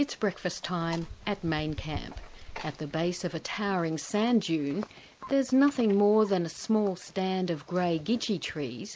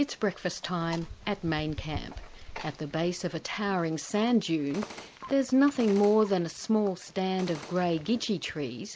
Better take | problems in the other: first | background sound (Gunshot, gunfire); 17 dB below the speech

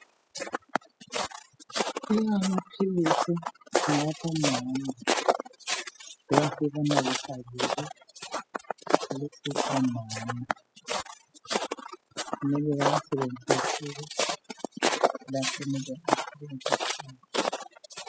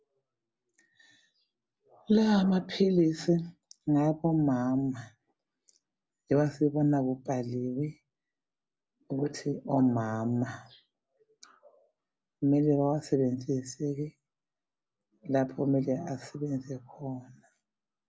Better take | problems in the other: second | noise reduction (classical method spectral subtraction)

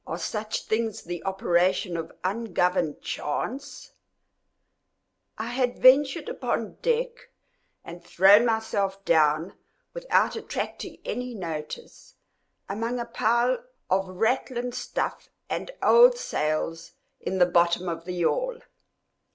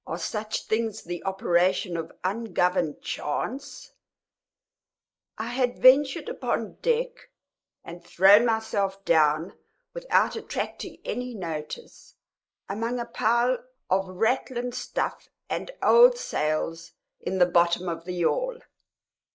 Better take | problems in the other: first | noise reduction (neural mask model Resemble Enhance denoiser)

